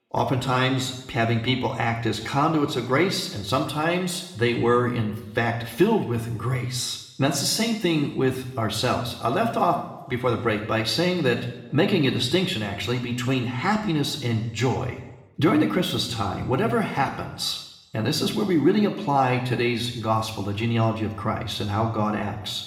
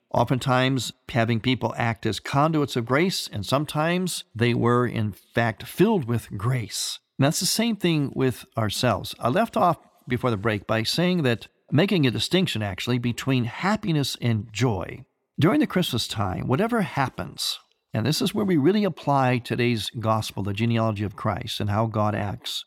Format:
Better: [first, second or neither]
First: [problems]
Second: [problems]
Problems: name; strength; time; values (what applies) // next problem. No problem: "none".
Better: second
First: room echo; slight; dies away in 0.8 s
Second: none